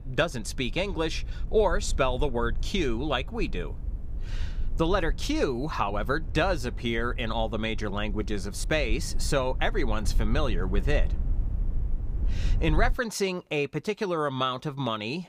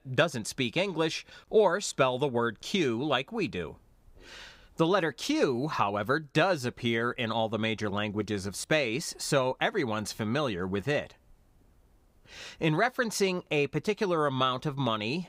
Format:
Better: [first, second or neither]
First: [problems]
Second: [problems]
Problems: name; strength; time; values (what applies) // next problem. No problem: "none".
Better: second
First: low rumble; faint; until 13 s; 20 dB below the speech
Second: none